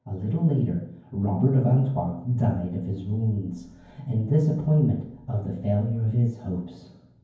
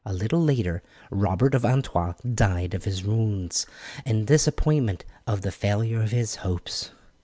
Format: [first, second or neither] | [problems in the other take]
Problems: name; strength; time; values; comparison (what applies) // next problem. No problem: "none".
second | room echo; dies away in 0.9 s